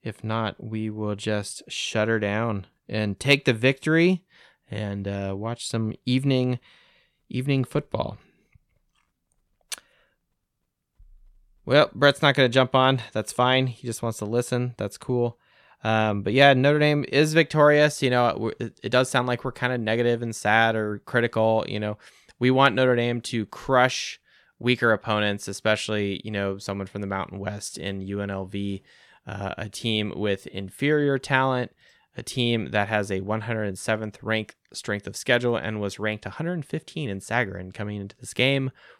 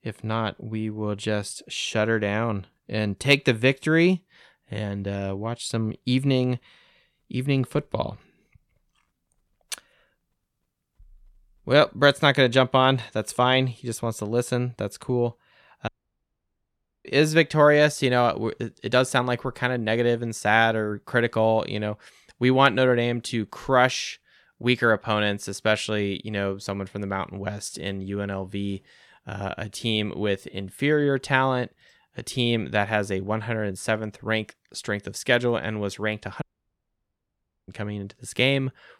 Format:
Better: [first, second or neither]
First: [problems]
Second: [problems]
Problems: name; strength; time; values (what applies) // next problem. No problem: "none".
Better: first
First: none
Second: audio cutting out; at 16 s for 1 s and at 36 s for 1.5 s